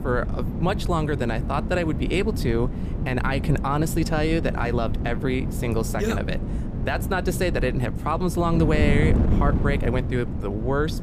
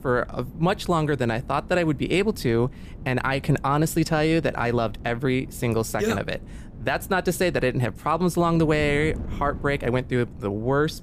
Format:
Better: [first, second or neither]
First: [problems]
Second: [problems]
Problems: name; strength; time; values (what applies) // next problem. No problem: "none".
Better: second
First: wind noise on the microphone; heavy; 9 dB below the speech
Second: wind noise on the microphone; occasional gusts; 25 dB below the speech